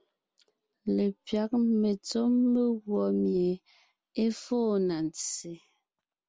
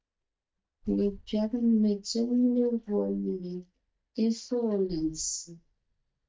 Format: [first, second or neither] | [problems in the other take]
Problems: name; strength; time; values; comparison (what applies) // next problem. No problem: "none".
first | noise reduction (neural mask model DeepFilterNet 3)